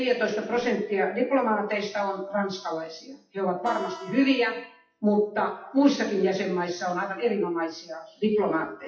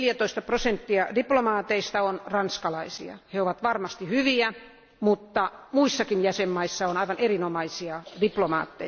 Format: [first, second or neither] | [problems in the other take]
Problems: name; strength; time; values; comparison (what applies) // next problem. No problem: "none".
second | noise reduction (classical method WPE with log-MMSE)